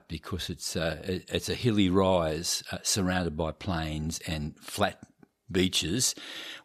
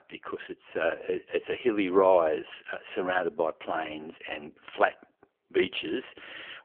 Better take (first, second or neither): first